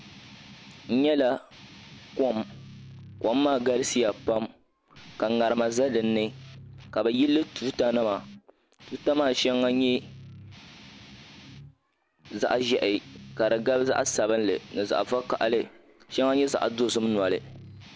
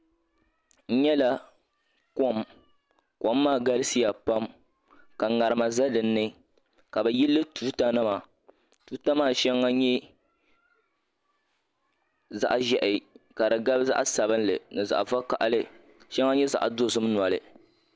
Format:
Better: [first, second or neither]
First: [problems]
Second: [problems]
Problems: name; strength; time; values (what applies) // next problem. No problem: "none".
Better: second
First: background sound (Guitar); 20 dB below the speech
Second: none